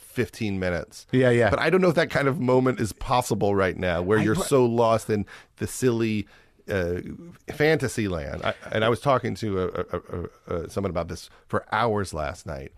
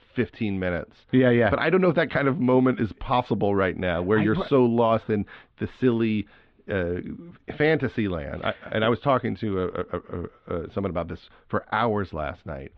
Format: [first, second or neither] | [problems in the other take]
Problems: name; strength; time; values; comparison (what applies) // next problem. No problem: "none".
first | muffled; very; fading above 3.5 kHz